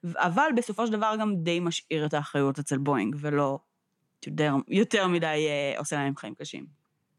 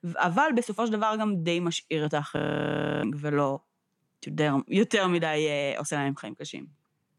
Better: first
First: none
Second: audio freezing; at 2.5 s for 0.5 s

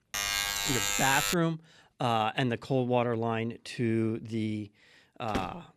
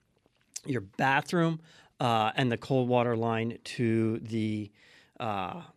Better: second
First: alarm; loud; until 1.5 s; peak 3 dB above the speech // door banging; noticeable; at 5.5 s; peak 8 dB below the speech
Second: none

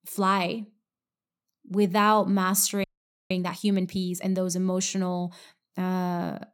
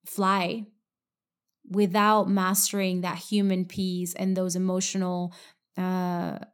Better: second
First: audio freezing; at 3 s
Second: none

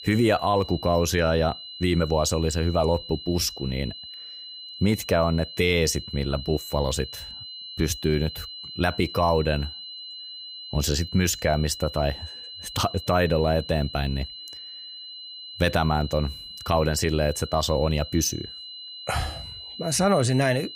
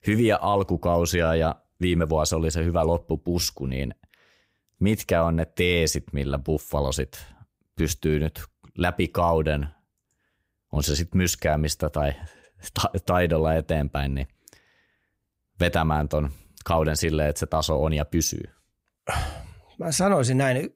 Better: second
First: high-pitched whine; noticeable; throughout; 4 kHz, 10 dB below the speech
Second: none

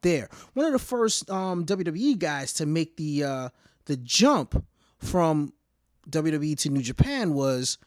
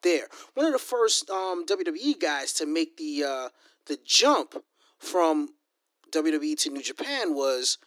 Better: first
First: none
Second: thin; somewhat; fading below 300 Hz

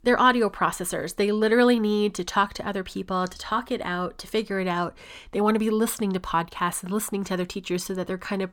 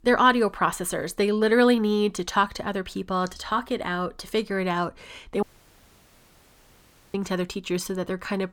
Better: first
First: none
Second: audio cutting out; at 5.5 s for 1.5 s

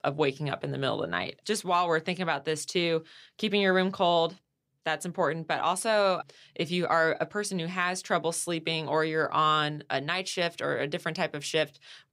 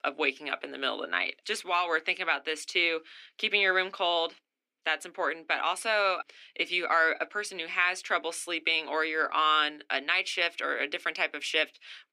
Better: first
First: none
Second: thin; somewhat; fading below 250 Hz

